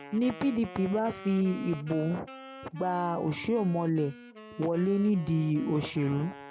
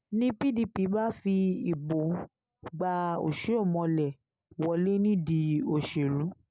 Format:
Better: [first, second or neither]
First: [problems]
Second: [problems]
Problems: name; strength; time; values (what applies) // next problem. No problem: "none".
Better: second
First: background sound (Wind instrument, woodwind instrument); 17 dB below the speech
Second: none